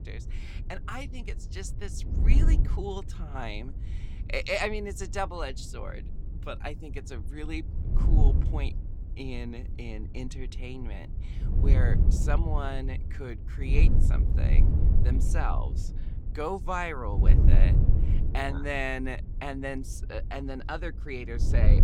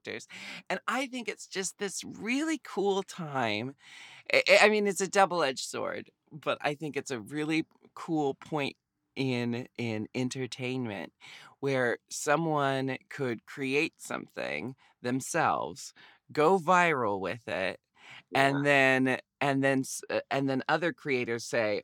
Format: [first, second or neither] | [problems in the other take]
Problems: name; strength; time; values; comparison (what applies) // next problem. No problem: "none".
second | wind noise on the microphone; heavy; 9 dB below the speech